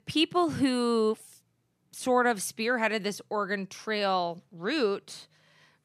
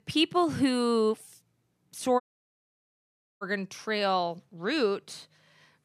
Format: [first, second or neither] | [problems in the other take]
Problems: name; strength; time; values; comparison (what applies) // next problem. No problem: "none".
first | audio cutting out; at 2 s for 1 s